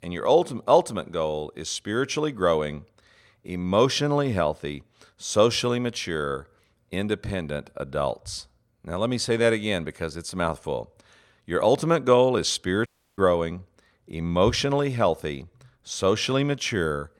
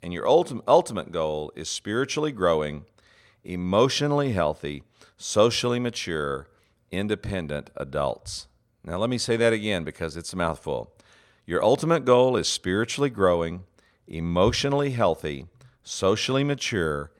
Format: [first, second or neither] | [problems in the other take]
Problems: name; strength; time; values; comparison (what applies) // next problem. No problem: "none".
second | audio cutting out; at 13 s